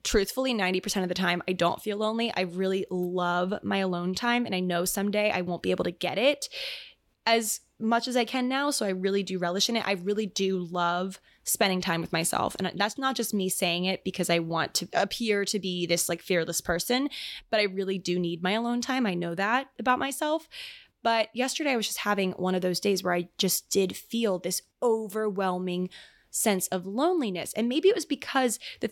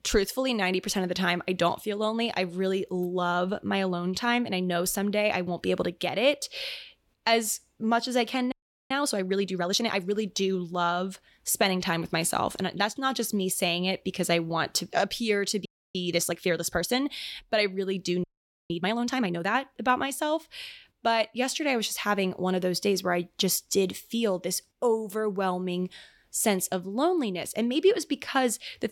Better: first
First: none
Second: audio freezing; at 8.5 s, at 16 s and at 18 s

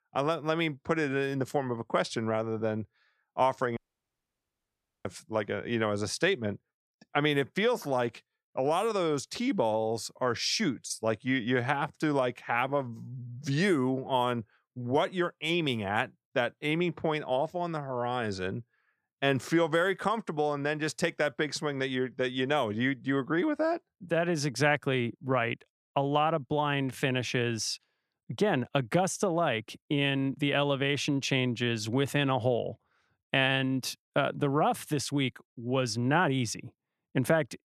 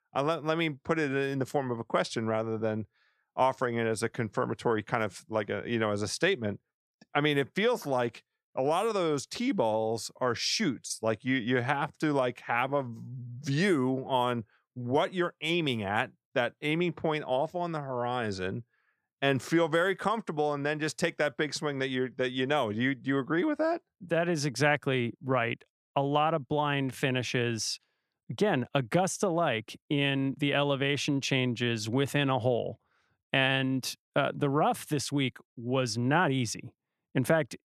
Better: second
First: audio cutting out; at 4 s for 1.5 s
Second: none

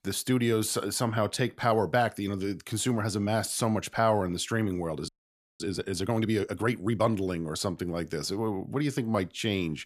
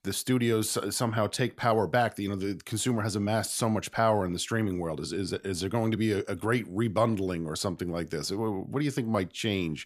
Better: second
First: audio freezing; at 5 s for 0.5 s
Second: none

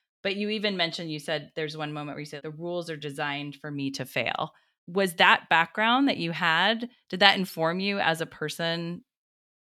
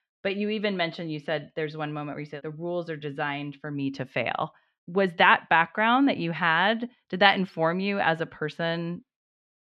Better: first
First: none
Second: muffled; slightly; fading above 2.5 kHz

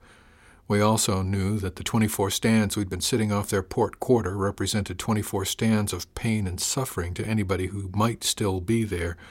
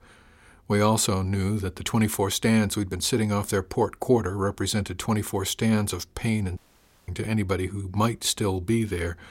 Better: first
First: none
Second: audio cutting out; at 6.5 s for 0.5 s

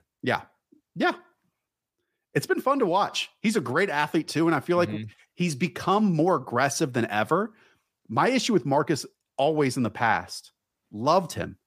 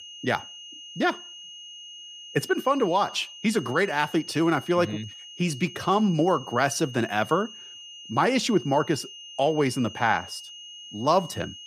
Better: first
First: none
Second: high-pitched whine; noticeable; throughout; 3 kHz, 15 dB below the speech

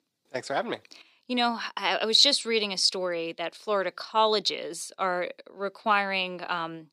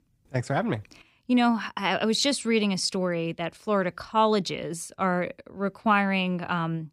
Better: second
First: thin; somewhat; fading below 400 Hz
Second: none

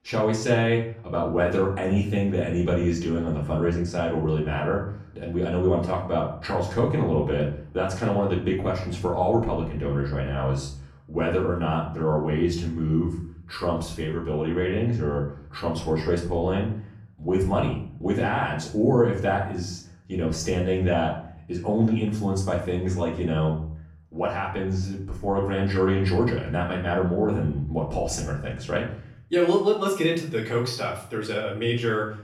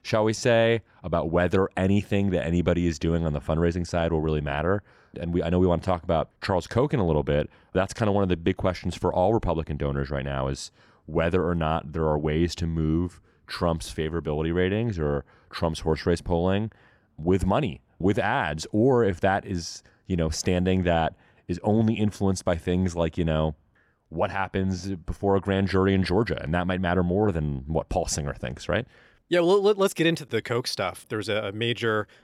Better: second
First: off-mic speech; far // room echo; noticeable; dies away in 0.5 s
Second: none

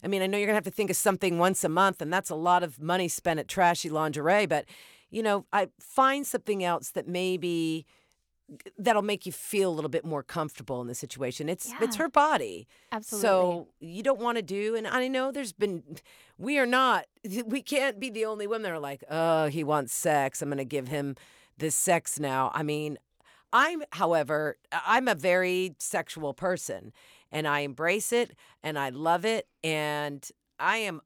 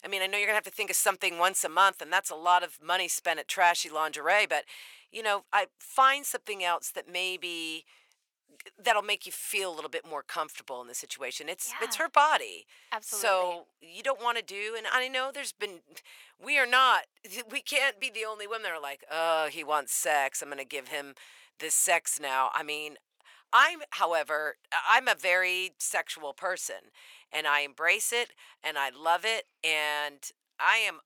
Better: first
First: none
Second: thin; very; fading below 800 Hz

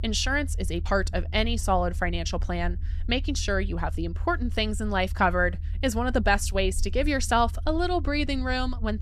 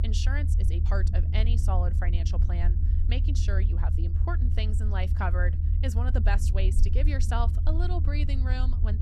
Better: first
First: low rumble; faint; throughout; 25 dB below the speech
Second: low rumble; loud; throughout; 7 dB below the speech

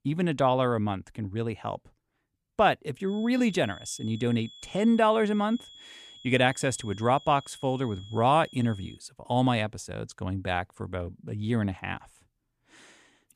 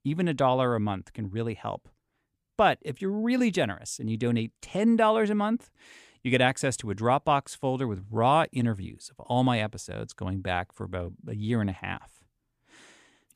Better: second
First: high-pitched whine; noticeable; from 3 to 9 s; 3.5 kHz, 20 dB below the speech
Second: none

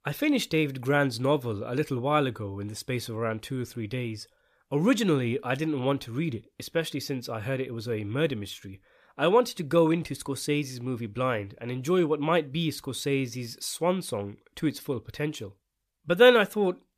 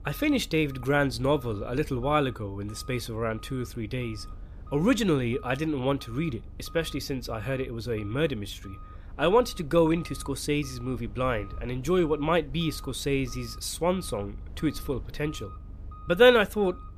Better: first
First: none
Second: low rumble; faint; throughout; 20 dB below the speech

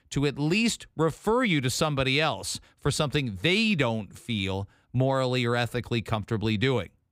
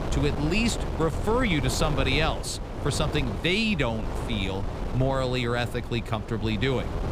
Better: first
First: none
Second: wind noise on the microphone; heavy; 9 dB below the speech

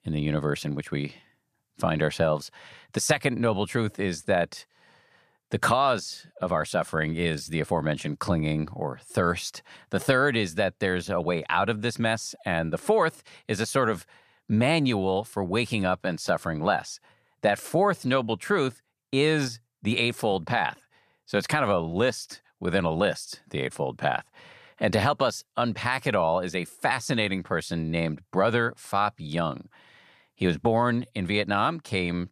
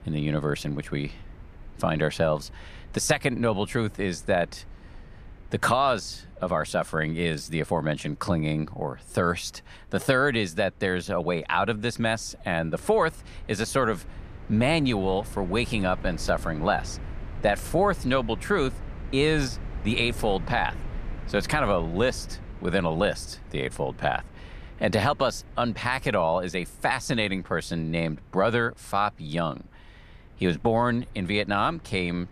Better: first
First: none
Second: low rumble; faint; throughout; 25 dB below the speech

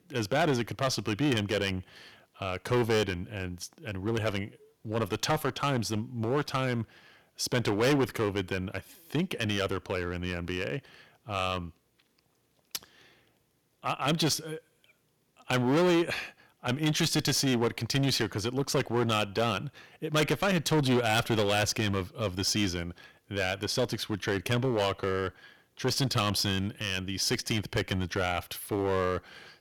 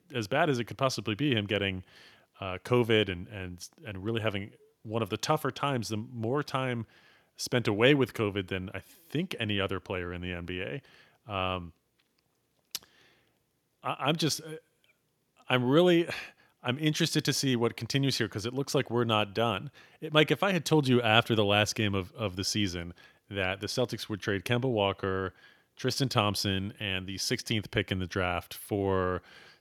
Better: second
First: distortion; heavy; 7% of the sound clipped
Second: none

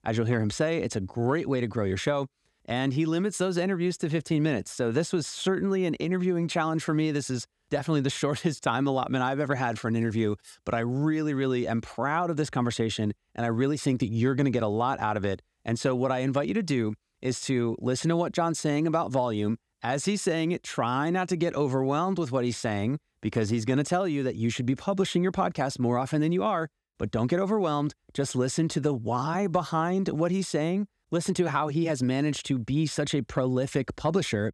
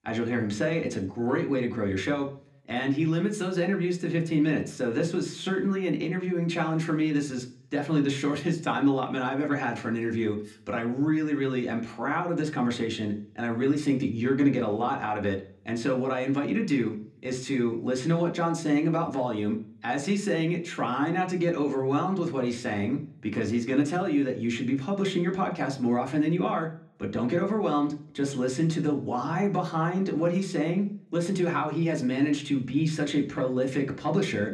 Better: first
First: none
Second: room echo; very slight; dies away in 0.4 s // off-mic speech; somewhat distant

